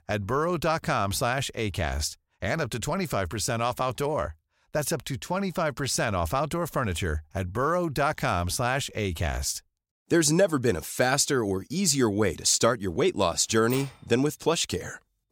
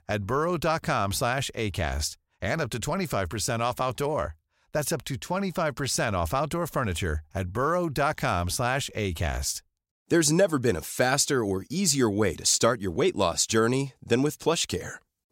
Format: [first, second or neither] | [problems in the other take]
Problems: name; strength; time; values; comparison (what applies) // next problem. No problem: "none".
second | keyboard typing; faint; at 14 s; peak 15 dB below the speech